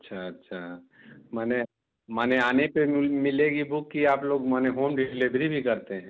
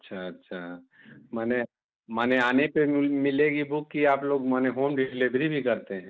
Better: first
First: none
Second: noise reduction (neural mask model Resemble Enhance denoiser)

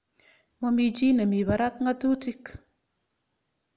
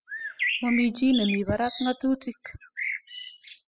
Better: first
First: none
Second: noise reduction (classical method spectral subtraction)

